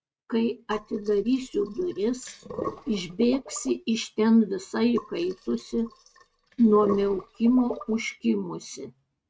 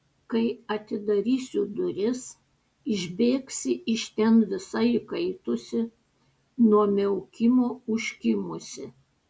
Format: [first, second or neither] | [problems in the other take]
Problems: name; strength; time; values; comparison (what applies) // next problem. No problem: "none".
second | noise reduction (neural mask model RNNoise)